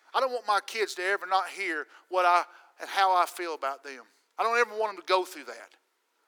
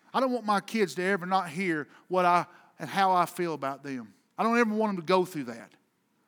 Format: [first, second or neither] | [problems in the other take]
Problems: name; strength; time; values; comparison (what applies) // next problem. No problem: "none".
second | thin; very; fading below 400 Hz